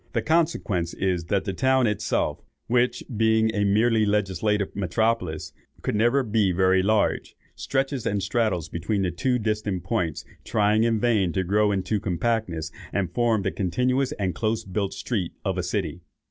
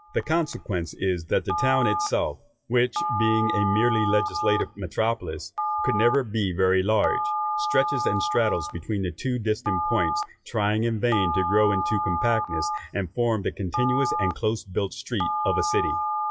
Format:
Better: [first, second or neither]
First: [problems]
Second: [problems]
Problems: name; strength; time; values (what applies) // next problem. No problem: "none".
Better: first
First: none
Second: noise reduction (classical method WPE with log-MMSE)